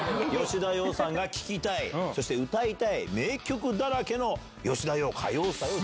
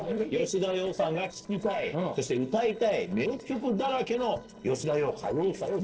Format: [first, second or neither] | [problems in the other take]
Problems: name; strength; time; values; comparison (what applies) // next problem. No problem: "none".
first | noise reduction (neural separator model SepFormer DNS4)